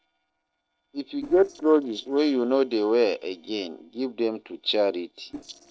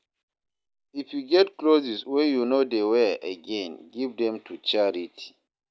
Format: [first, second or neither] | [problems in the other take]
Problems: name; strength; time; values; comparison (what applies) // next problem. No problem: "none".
second | noise reduction (neural separator model SepFormer DNS4)